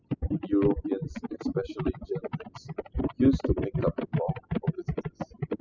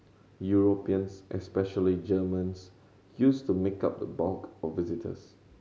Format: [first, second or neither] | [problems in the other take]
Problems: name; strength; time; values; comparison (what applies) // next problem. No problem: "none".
second | noise reduction (classical method spectral subtraction)